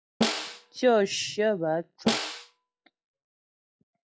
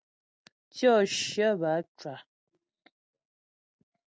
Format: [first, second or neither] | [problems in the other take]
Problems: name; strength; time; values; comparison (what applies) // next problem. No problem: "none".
second | noise reduction (classical method log-MMSE)